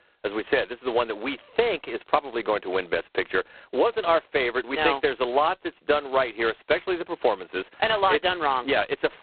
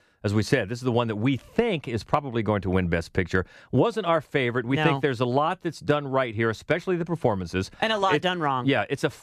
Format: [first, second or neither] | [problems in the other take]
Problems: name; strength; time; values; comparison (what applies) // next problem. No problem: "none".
second | phone-call audio; poor line; nothing above 4 kHz